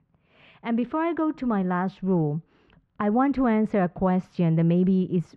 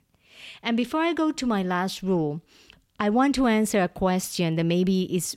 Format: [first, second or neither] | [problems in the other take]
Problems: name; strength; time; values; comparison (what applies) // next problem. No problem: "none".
second | muffled; very; fading above 1.5 kHz